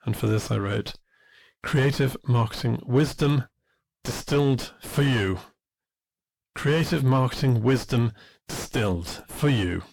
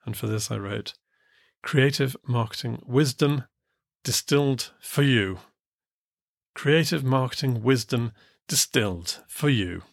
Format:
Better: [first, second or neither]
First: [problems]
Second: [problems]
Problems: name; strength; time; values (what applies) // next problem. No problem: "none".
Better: second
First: distortion; heavy; 4 dB below the speech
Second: none